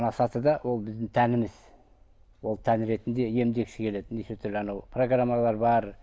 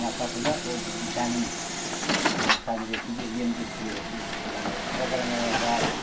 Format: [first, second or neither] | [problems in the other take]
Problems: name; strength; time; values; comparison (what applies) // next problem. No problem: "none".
first | background sound (Truck); 2 dB above the speech // room echo; dies away in 0.2 s